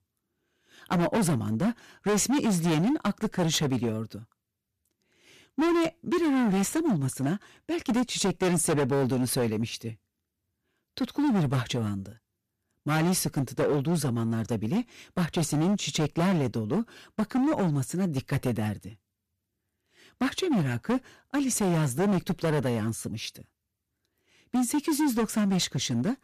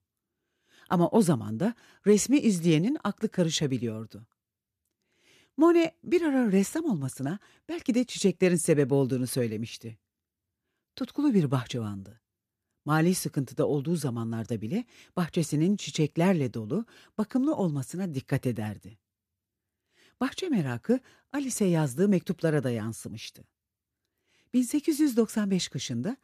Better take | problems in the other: second | distortion; heavy; 16% of the sound clipped

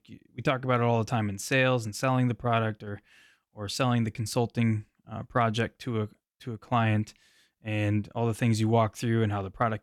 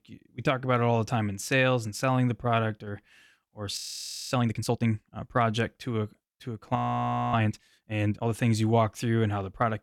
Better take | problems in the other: first | audio freezing; at 4 s for 0.5 s and at 7 s for 0.5 s

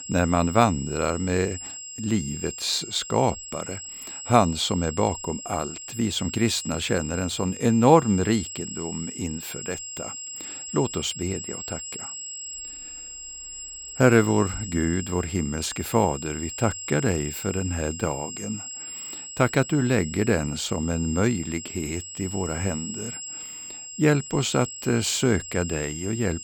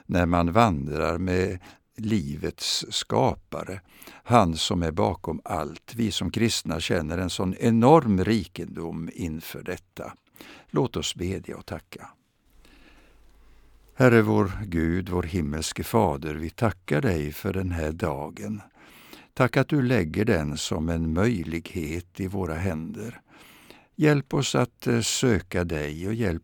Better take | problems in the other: second | high-pitched whine; loud; throughout; 7.5 kHz, 9 dB below the speech

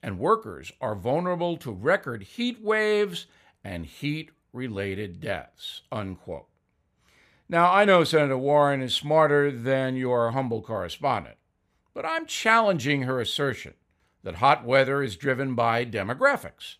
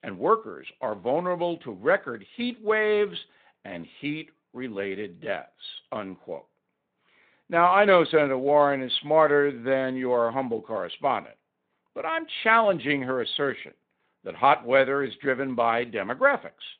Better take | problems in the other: first | phone-call audio; nothing above 4 kHz

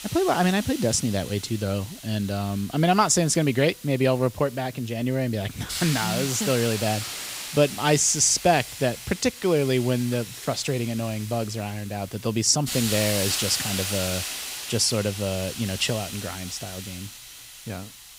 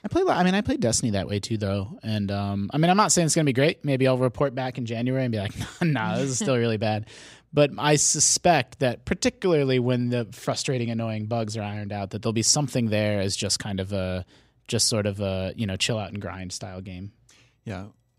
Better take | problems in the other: second | hiss; loud; throughout; 8 dB below the speech

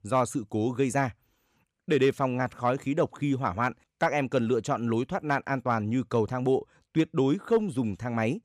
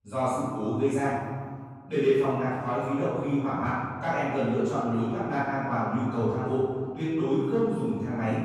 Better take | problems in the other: first | off-mic speech; far // room echo; strong; dies away in 1.9 s

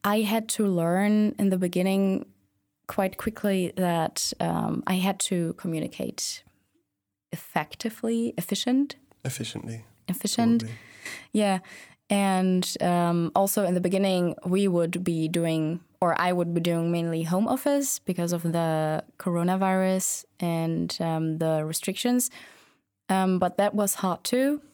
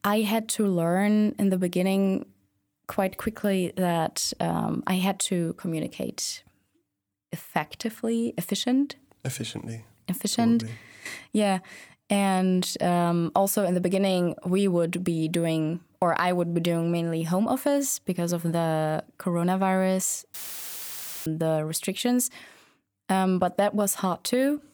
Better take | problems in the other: first | audio cutting out; filled with static; at 20 s for 1 s

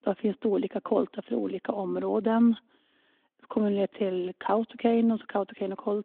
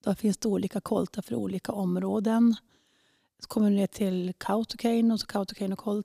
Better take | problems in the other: second | phone-call audio

